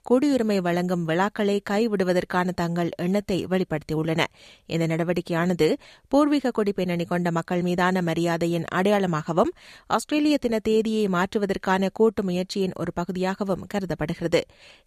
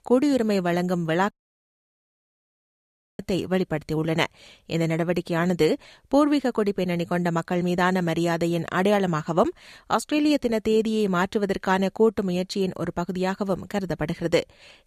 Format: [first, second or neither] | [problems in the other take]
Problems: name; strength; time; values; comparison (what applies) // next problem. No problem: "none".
first | audio cutting out; at 1.5 s for 2 s